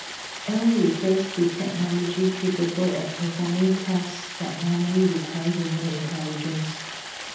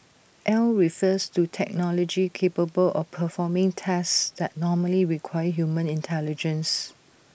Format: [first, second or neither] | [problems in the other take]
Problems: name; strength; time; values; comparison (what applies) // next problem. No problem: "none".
second | background sound (Stream); 11 dB below the speech // room echo; dies away in 0.9 s